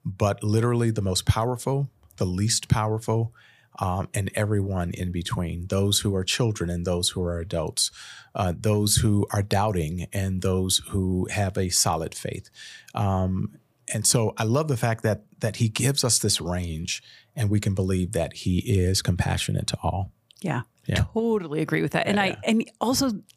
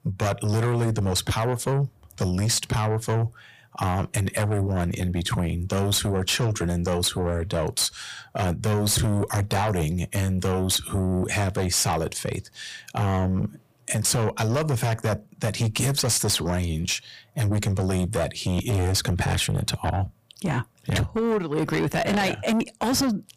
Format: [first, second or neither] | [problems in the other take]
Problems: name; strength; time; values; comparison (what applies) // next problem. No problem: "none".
first | distortion; heavy; 7 dB below the speech